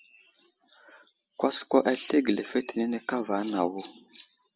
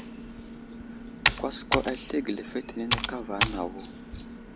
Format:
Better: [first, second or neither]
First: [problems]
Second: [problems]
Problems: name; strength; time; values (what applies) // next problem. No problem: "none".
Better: first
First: none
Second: background sound (Computer keyboard); 2 dB above the speech